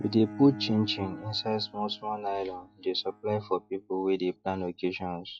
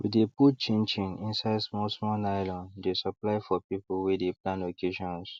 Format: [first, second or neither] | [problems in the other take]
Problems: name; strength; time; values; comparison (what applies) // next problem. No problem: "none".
second | noise reduction (classical method log-MMSE)